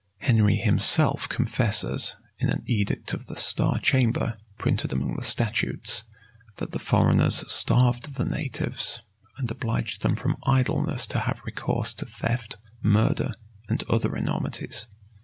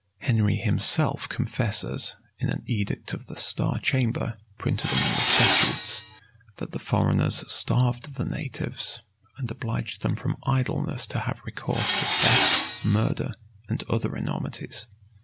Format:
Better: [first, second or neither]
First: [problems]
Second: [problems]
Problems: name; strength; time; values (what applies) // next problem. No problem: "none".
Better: first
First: none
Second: background sound (Tools); 1 dB above the speech